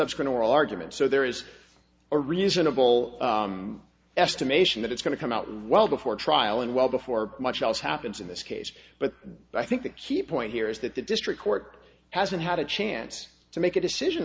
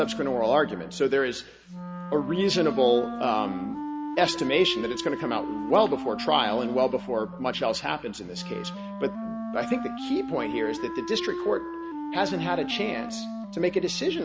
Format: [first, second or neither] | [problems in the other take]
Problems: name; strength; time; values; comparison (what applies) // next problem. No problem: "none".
first | background sound (Wind instrument, woodwind instrument); 8 dB below the speech